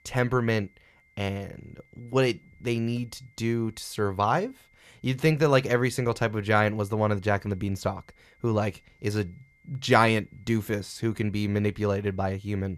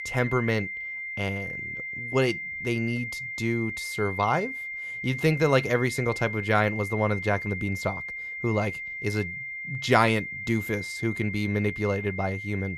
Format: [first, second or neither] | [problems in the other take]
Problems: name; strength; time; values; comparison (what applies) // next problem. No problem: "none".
first | high-pitched whine; loud; throughout; 2 kHz, 6 dB below the speech; faint in the first